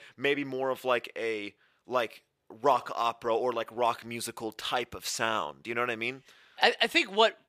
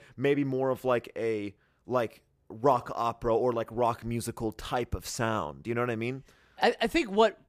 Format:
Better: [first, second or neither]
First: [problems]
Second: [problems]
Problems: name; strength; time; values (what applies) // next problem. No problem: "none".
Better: second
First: thin; very slightly; fading below 1 kHz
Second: none